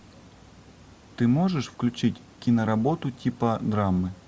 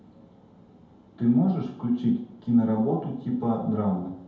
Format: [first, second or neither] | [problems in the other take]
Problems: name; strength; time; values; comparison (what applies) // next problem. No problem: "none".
first | room echo; dies away in 0.8 s